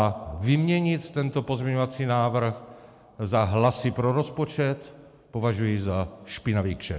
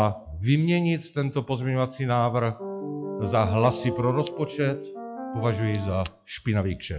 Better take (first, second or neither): first